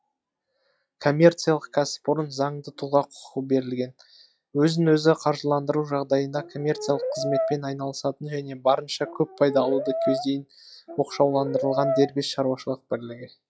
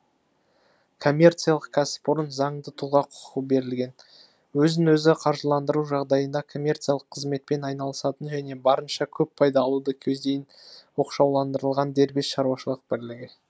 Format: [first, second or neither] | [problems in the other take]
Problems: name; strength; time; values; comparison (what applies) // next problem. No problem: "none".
second | noise reduction (classical method log-MMSE)